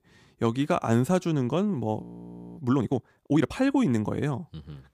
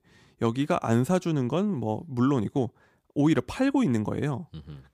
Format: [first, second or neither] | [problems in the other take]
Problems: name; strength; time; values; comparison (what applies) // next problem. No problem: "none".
second | audio freezing; at 2 s for 0.5 s